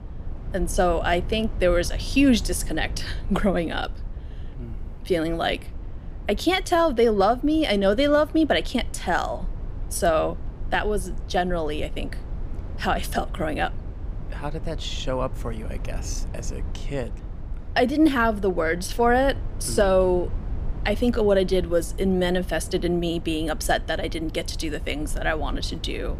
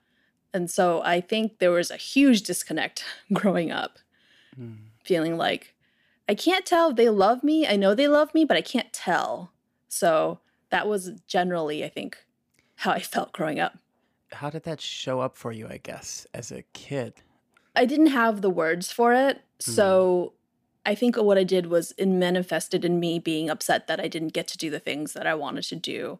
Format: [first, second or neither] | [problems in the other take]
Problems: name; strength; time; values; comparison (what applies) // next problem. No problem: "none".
second | low rumble; faint; throughout; 25 dB below the speech